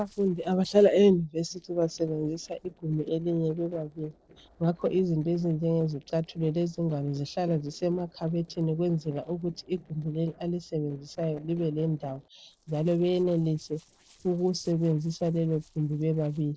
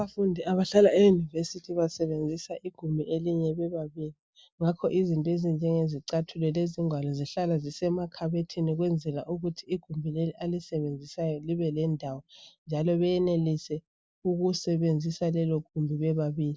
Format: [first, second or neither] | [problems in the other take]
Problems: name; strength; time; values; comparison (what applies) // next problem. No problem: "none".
second | noise reduction (neural separator model SepFormer DNS4)